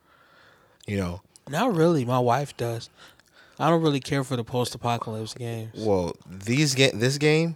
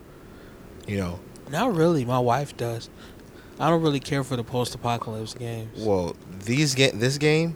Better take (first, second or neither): first